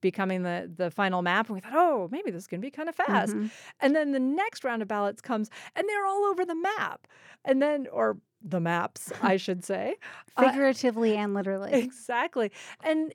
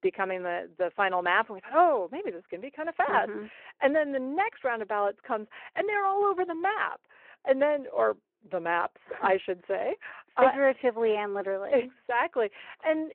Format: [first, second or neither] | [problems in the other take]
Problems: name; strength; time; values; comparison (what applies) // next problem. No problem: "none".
first | phone-call audio